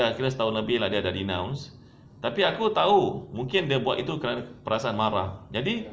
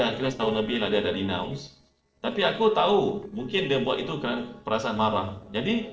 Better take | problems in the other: first | noise reduction (neural separator model SepFormer DNS4)

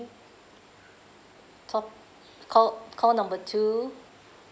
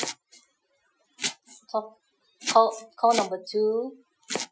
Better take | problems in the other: first | noise reduction (classical method Wiener filter)

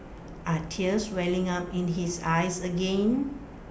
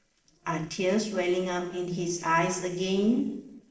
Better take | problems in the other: first | noise reduction (neural separator model SepFormer DNS4)

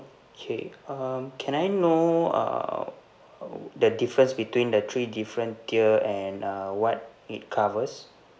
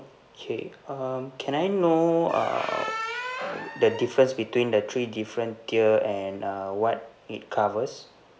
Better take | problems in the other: first | background sound (Squeak); 9 dB below the speech

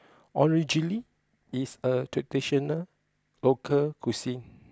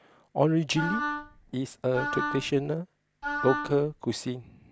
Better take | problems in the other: first | background sound (Wind instrument, woodwind instrument); 4 dB below the speech

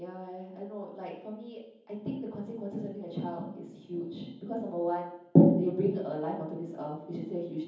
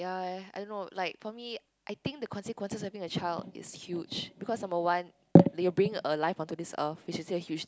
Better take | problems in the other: second | room echo; dies away in 0.9 s

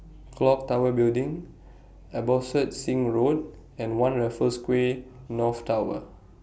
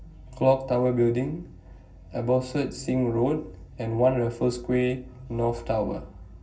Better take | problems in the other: first | room echo; dies away in 0.4 s

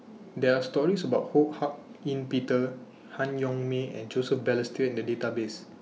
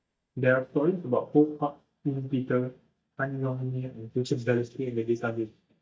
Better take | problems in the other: first | noise reduction (neural mask model DeepFilterNet 3)

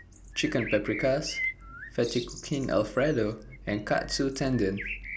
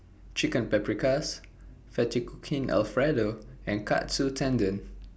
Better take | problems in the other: second | background sound (Bird); 11 dB below the speech

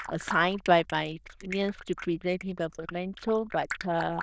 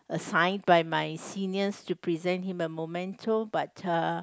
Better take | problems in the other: second | noise reduction (neural diffusion model UNIVERSE++)

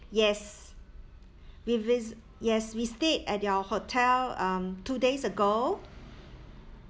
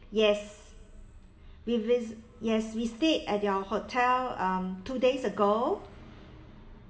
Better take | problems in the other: first | room echo; dies away in 1.9 s

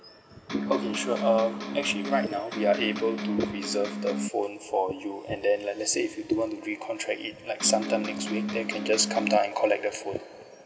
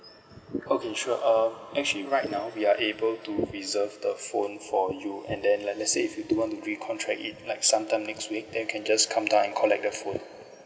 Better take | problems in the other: second | background sound (Electric guitar); 4 dB below the speech

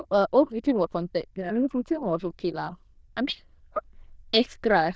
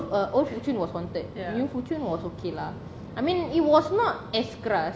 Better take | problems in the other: second | noise reduction (neural diffusion model UNIVERSE++)

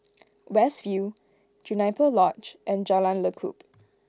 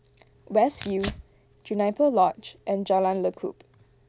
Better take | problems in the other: first | background sound (Tearing); 19 dB below the speech

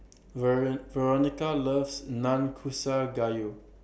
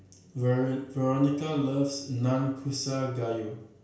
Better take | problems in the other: first | room echo; dies away in 0.5 s

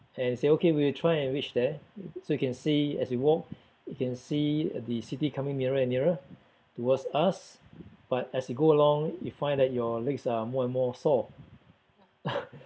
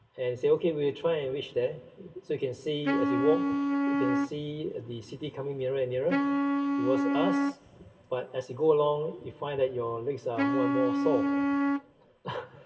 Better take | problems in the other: first | background sound (Wind instrument, woodwind instrument); 2 dB above the speech // room echo; dies away in 2.8 s

